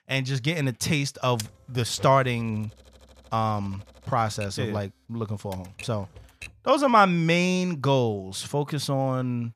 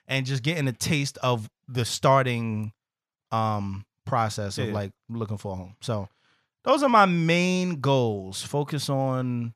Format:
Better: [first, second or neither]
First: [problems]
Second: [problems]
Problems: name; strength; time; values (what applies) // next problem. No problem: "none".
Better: second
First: keyboard typing; faint; from 1.5 to 6.5 s; peak 15 dB below the speech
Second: none